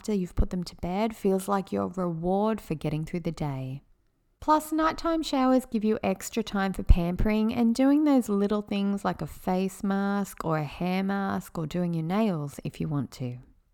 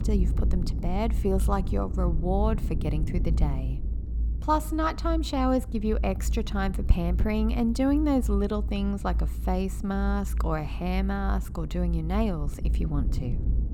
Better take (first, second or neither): first